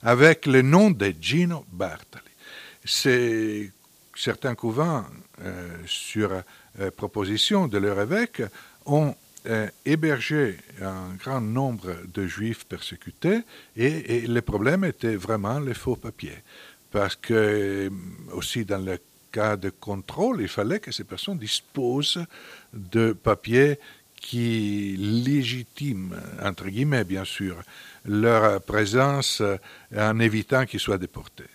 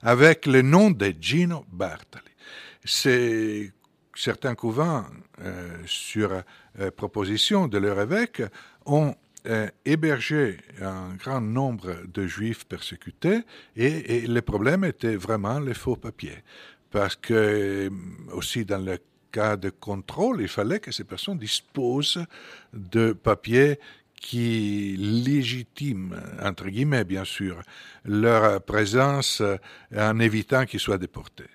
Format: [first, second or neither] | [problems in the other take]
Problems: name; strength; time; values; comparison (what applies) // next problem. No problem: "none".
second | hiss; faint; throughout; 30 dB below the speech